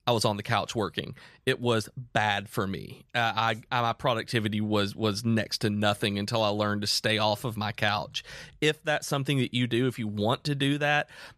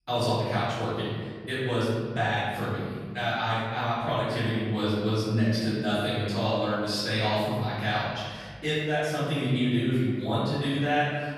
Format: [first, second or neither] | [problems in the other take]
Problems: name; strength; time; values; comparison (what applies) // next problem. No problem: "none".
first | off-mic speech; far // room echo; strong; dies away in 1.7 s